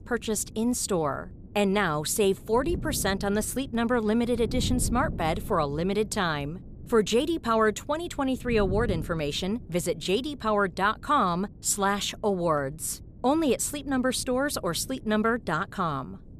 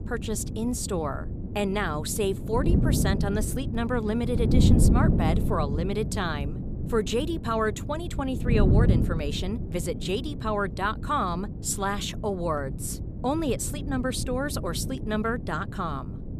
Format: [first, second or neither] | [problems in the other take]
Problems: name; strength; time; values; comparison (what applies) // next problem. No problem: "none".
first | wind noise on the microphone; heavy; 8 dB below the speech; occasional gusts in the first